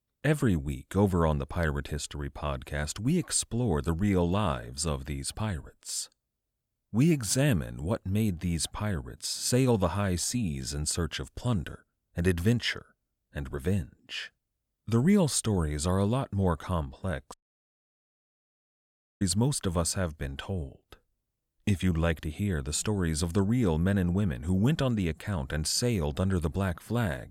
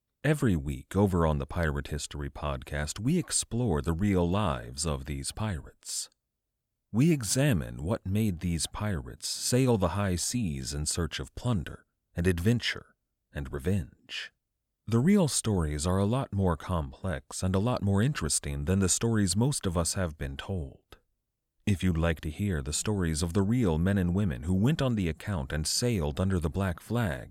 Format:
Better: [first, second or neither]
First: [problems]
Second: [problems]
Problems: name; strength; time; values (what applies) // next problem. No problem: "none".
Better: second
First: audio cutting out; at 17 s for 2 s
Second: none